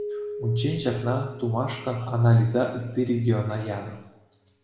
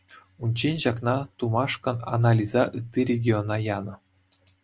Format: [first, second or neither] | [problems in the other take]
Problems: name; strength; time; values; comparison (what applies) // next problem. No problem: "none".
second | background sound (Keyboard (musical)); 14 dB below the speech // room echo; dies away in 1 s